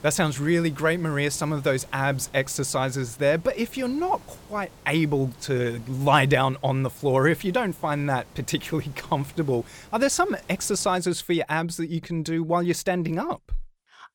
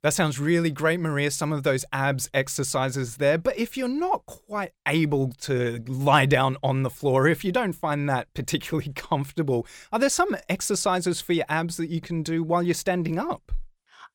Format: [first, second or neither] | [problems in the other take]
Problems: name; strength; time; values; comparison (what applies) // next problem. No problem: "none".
second | hiss; faint; until 11 s; 25 dB below the speech